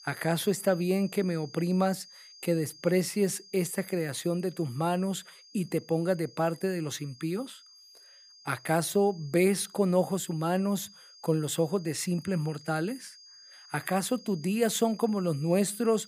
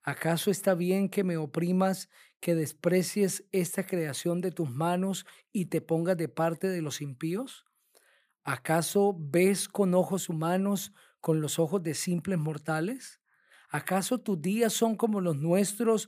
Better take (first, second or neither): second